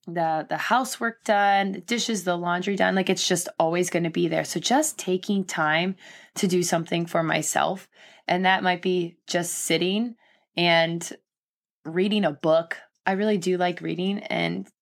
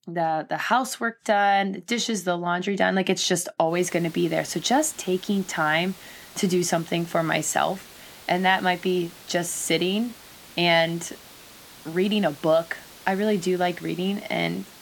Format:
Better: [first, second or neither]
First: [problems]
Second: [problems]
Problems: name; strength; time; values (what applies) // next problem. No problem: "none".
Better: first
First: none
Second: hiss; noticeable; from 3.5 s on; 20 dB below the speech